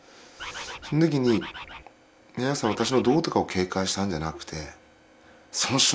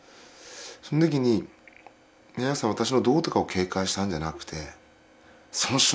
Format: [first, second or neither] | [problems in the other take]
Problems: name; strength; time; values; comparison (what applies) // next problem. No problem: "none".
second | background sound (Bird); 12 dB below the speech